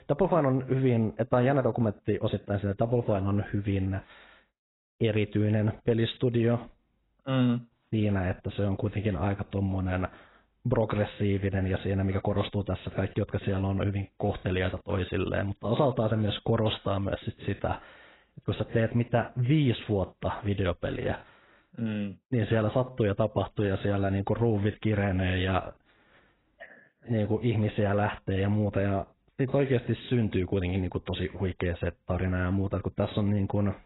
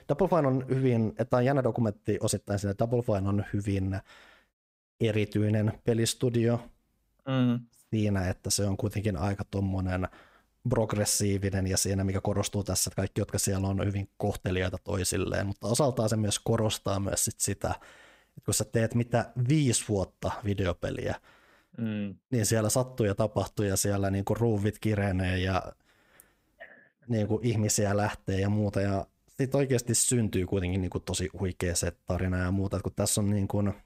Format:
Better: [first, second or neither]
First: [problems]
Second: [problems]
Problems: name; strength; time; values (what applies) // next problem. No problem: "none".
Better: second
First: garbled, watery; badly; nothing above 4 kHz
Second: none